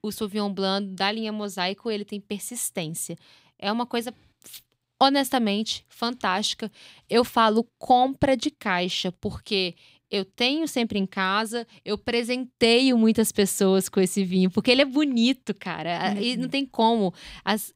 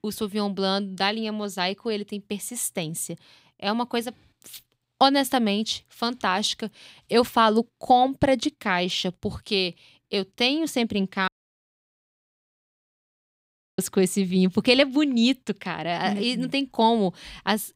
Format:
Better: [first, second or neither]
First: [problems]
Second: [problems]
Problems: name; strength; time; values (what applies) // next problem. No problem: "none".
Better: first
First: none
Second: audio cutting out; at 11 s for 2.5 s